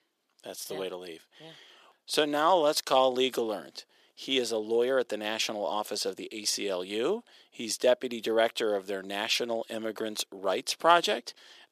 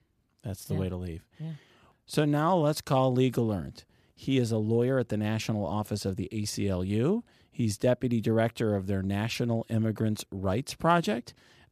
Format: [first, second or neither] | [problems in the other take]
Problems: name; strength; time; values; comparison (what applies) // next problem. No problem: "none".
second | thin; very; fading below 400 Hz